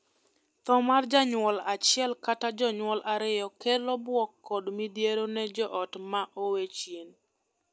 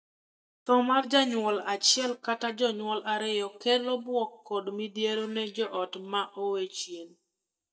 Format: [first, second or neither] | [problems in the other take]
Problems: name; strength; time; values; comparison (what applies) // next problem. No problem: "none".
first | noise reduction (neural mask model DeepFilterNet 3)